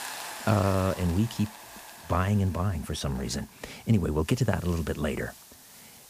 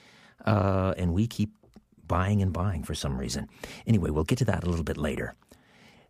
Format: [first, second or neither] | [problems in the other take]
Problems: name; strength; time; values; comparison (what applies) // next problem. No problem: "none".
second | hiss; noticeable; throughout; 15 dB below the speech